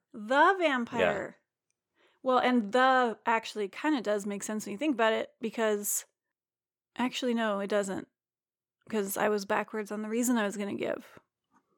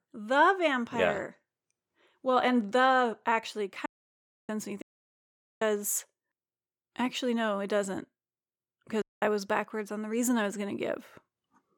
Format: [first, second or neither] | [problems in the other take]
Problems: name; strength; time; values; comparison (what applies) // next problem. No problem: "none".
first | audio cutting out; at 4 s for 0.5 s, at 5 s for 1 s and at 9 s